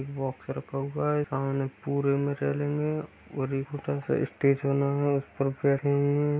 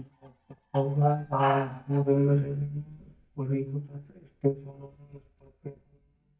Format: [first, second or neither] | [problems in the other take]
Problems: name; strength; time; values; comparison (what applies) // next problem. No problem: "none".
first | noise reduction (neural mask model DeepFilterNet 3)